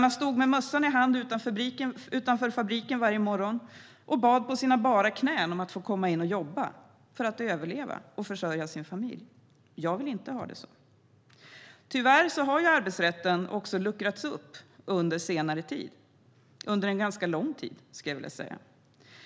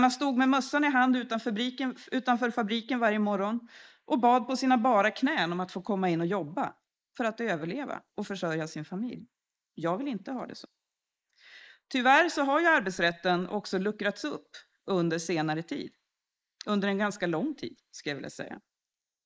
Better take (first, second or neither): first